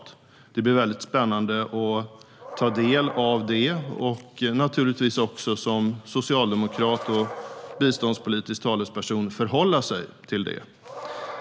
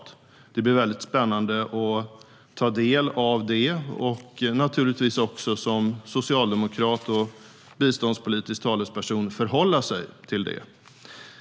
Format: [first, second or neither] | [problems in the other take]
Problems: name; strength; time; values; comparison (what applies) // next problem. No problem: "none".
second | background sound (Animal); 17 dB below the speech